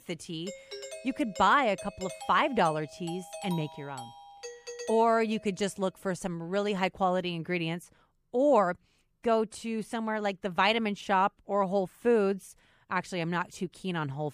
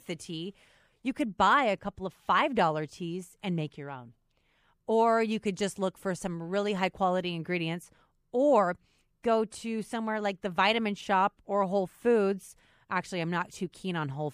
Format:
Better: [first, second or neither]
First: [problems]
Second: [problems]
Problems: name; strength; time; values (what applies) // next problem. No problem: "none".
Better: second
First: doorbell; faint; until 5.5 s; peak 10 dB below the speech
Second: none